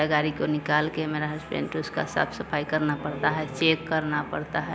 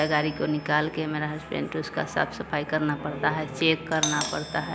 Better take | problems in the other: first | background sound (Doorbell); 12 dB below the speech

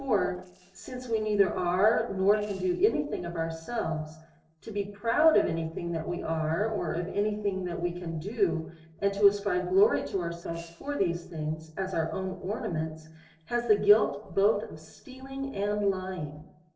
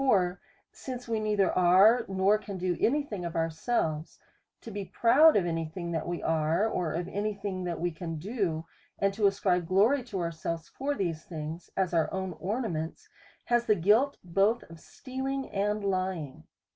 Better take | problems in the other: second | noise reduction (neural separator model SepFormer DNS4)

